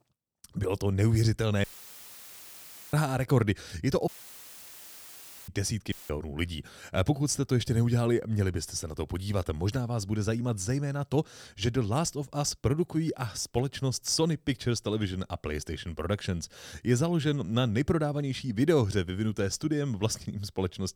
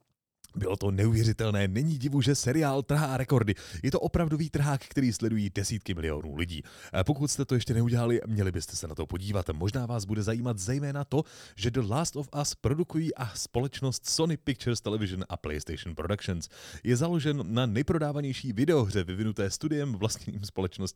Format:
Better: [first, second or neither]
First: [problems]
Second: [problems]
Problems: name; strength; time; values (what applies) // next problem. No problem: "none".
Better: second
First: audio cutting out; filled with static; at 1.5 s for 1.5 s, at 4 s for 1.5 s and at 6 s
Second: none